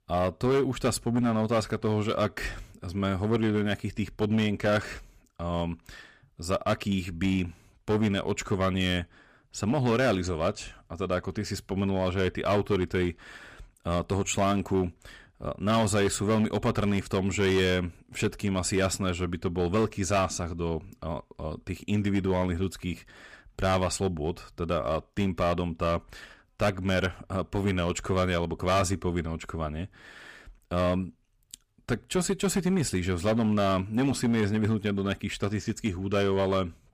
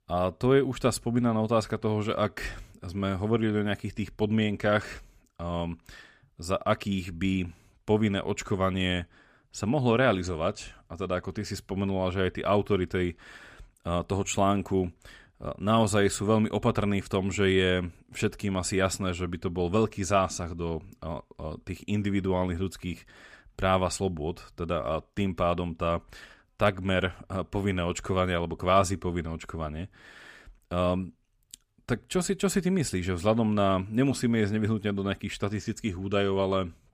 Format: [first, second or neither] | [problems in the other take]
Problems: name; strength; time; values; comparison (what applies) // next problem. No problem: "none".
second | distortion; slight; 6% of the sound clipped